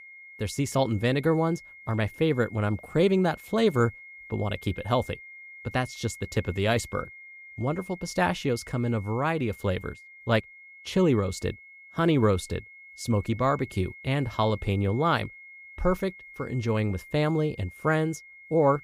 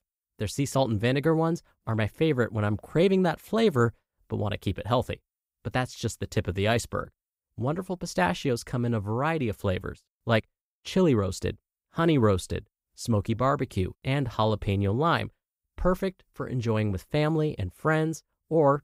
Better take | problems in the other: second | high-pitched whine; noticeable; throughout; 2 kHz, 20 dB below the speech

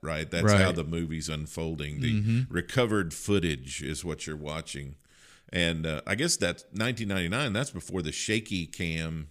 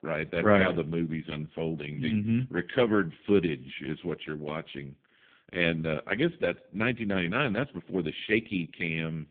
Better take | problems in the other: first | phone-call audio; poor line

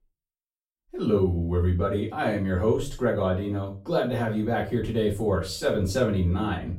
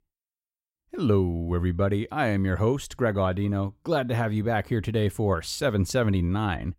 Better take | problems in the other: second | room echo; slight; dies away in 0.3 s // off-mic speech; far

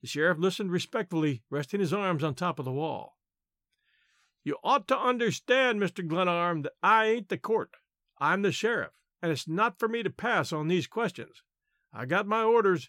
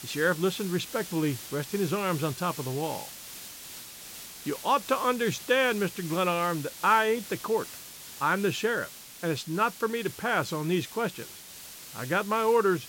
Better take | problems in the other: first | hiss; noticeable; throughout; 15 dB below the speech

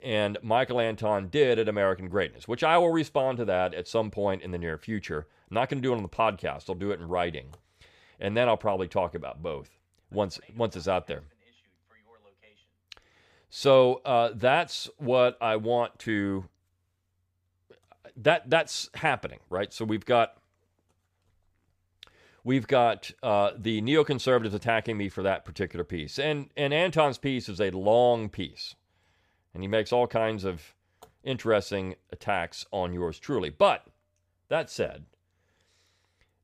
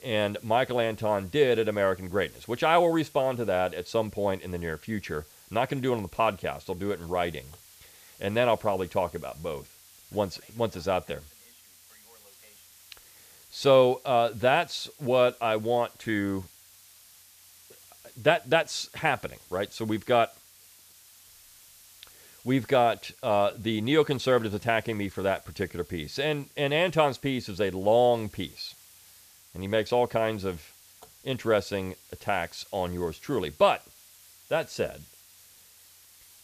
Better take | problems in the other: first | hiss; faint; throughout; 25 dB below the speech

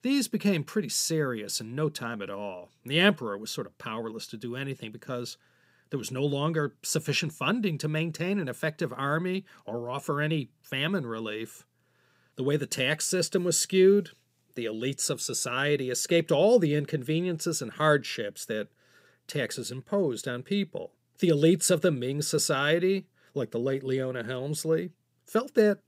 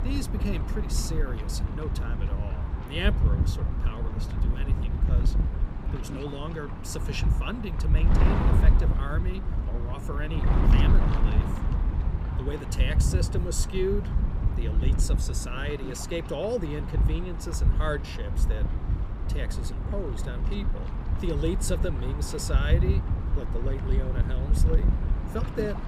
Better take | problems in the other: first | wind noise on the microphone; heavy; 4 dB below the speech

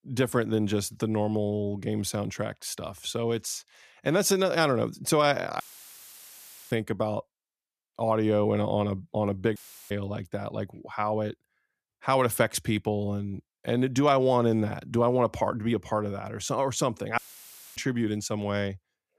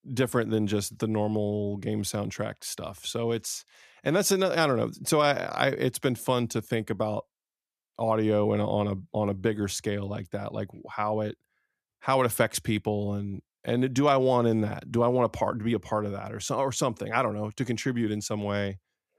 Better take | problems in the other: second | audio cutting out; filled with static; at 5.5 s for 1 s, at 9.5 s and at 17 s for 0.5 s

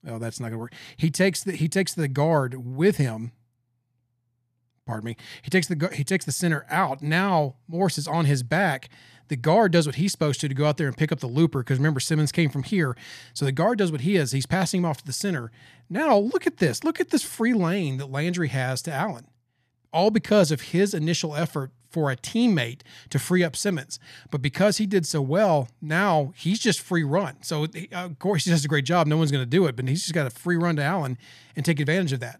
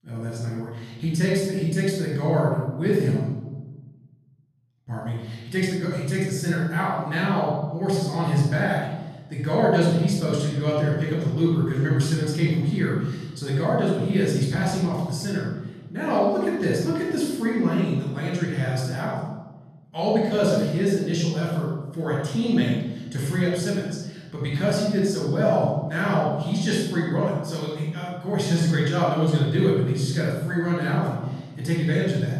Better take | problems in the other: first | off-mic speech; far // room echo; strong; dies away in 1.2 s

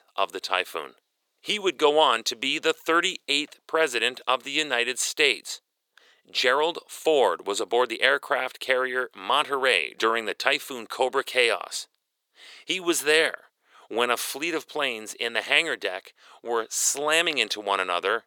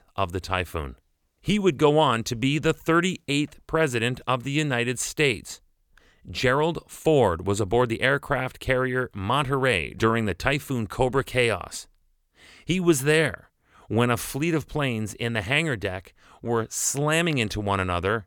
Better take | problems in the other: second | thin; very; fading below 400 Hz

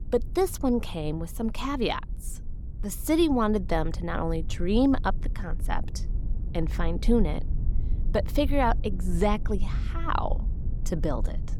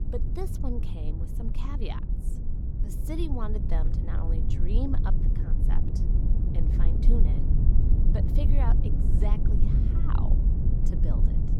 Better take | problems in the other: first | low rumble; loud; throughout; 1 dB below the speech; faint in the first

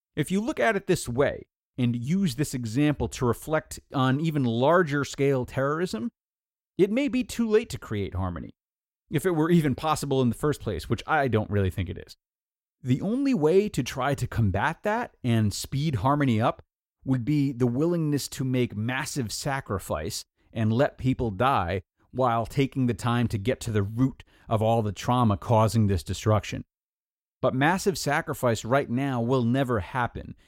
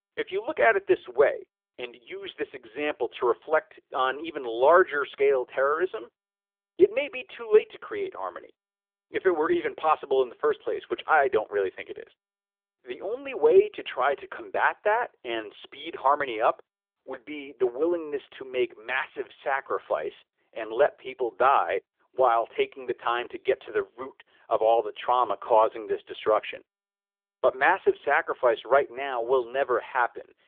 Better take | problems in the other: first | phone-call audio; nothing above 3.5 kHz

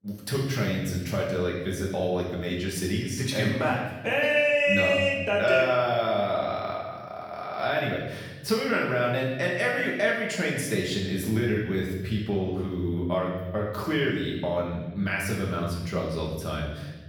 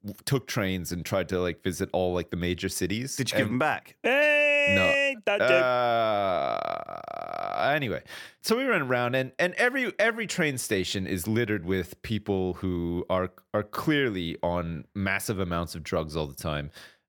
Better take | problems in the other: second | room echo; noticeable; dies away in 1.3 s // off-mic speech; far

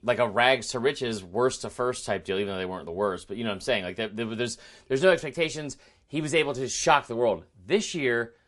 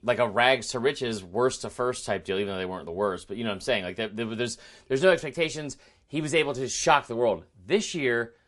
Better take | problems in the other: neither | garbled, watery; slightly; nothing above 11 kHz; the same in both

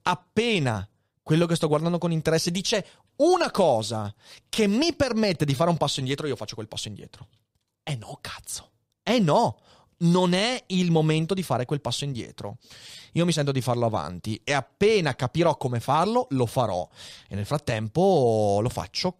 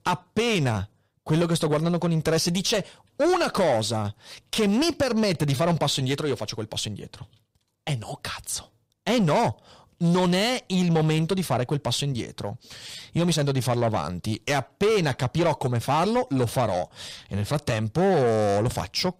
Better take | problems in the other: first | distortion; slight; 10 dB below the speech

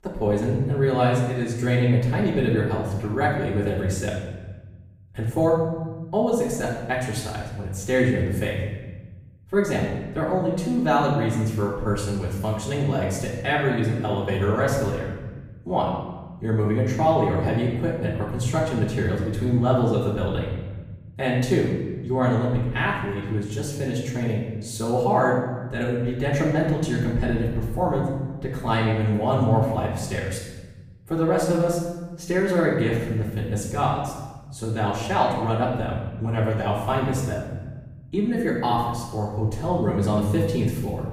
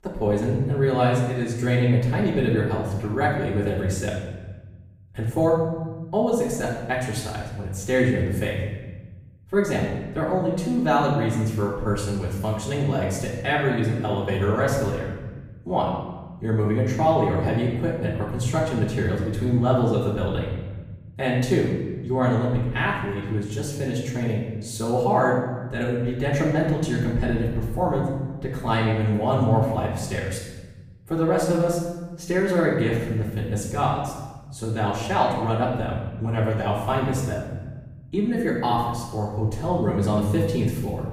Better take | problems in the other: neither | off-mic speech; far; the same in both // room echo; noticeable; dies away in 1.2 s; the same in both

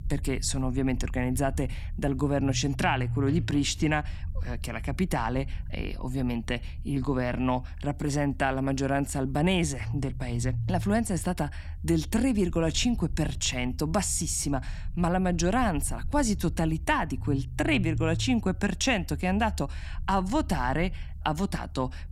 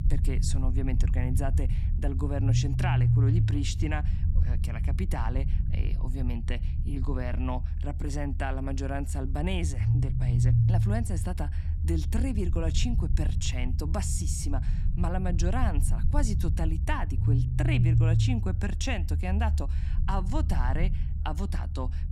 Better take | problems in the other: first | low rumble; loud; throughout; 6 dB below the speech; faint in the first

